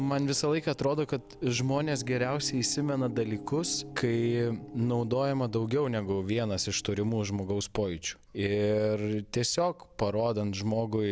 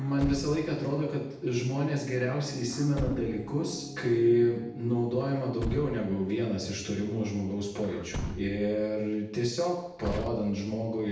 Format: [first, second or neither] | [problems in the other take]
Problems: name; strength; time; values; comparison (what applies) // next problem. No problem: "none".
first | background sound (Truck); 12 dB below the speech // room echo; dies away in 0.8 s